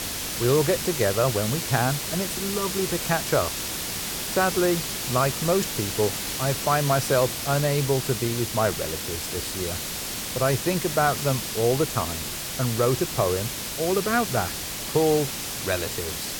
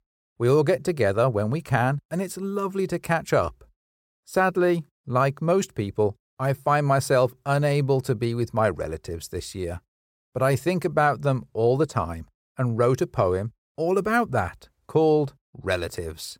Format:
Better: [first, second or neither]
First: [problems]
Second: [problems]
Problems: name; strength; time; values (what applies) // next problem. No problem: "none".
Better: second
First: hiss; loud; throughout; 3 dB below the speech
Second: none